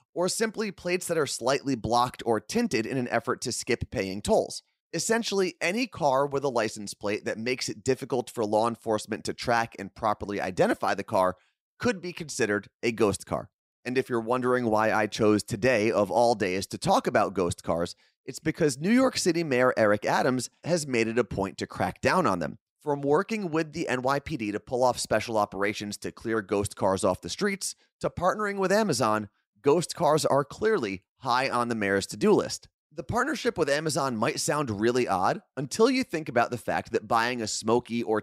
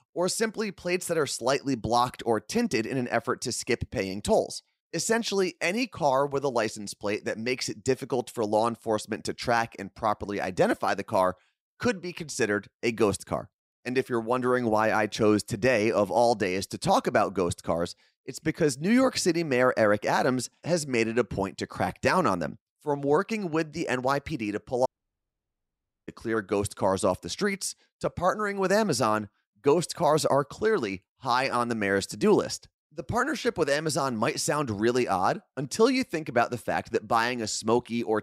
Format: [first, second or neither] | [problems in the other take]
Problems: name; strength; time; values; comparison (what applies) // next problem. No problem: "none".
first | audio cutting out; at 25 s for 1 s